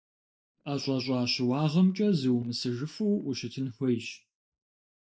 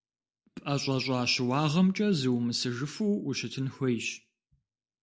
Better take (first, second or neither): second